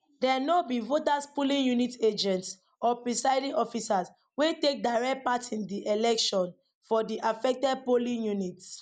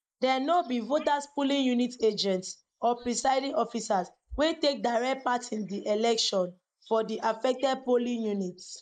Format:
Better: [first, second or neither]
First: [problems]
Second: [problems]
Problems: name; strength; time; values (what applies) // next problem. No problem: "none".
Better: first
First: none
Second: noise reduction (neural mask model Resemble Enhance denoiser)